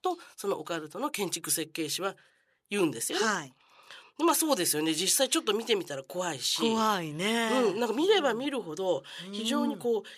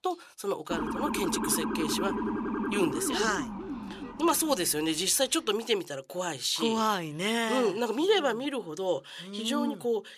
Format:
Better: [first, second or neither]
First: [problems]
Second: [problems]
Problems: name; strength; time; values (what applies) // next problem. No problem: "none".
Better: first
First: none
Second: siren; noticeable; from 0.5 to 4.5 s; peak 2 dB below the speech